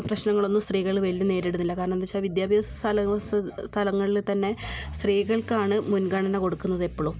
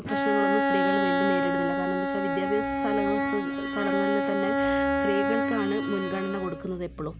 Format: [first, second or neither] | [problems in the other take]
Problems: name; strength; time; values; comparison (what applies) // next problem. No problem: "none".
first | background sound (Bowed string instrument); 4 dB above the speech